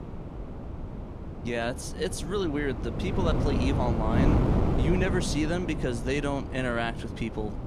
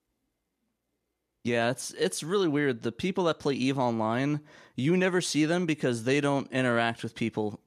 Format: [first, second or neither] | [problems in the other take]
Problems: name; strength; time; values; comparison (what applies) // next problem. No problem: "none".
second | wind noise on the microphone; heavy; 5 dB below the speech